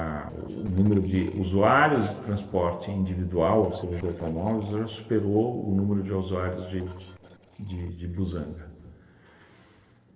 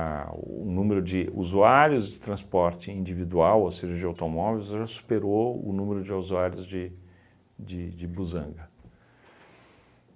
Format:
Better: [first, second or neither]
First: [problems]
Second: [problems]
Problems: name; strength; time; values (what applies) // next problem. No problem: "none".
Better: second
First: noise reduction (neural separator model SepFormer DNS4)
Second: none